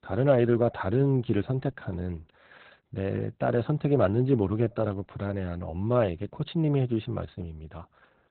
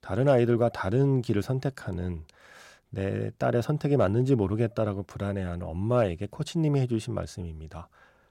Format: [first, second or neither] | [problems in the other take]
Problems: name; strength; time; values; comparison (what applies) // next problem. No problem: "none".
second | garbled, watery; badly; nothing above 4 kHz